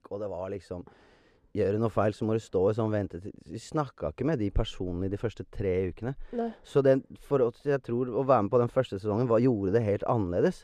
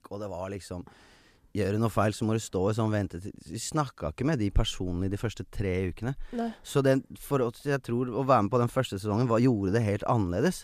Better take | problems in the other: second | muffled; slightly; fading above 3 kHz

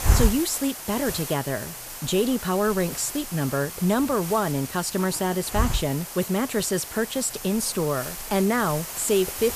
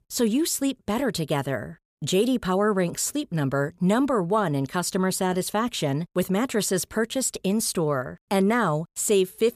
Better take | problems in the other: second | hiss; loud; throughout; 7 dB below the speech

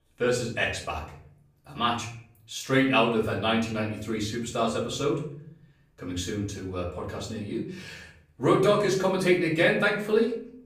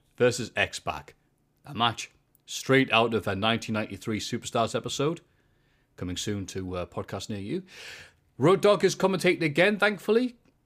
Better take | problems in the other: second | off-mic speech; far // room echo; slight; dies away in 0.5 s

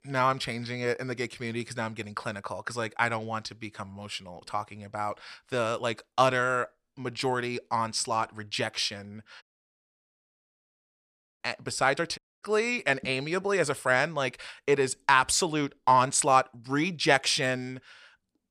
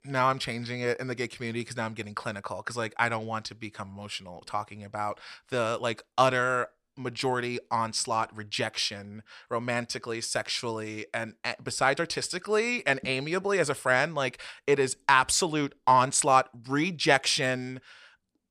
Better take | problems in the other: second | audio cutting out; at 9.5 s for 2 s and at 12 s

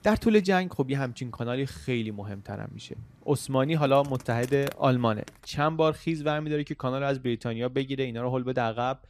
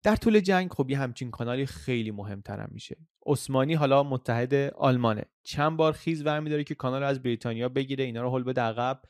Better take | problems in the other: second | animal sounds; faint; throughout; 20 dB below the speech

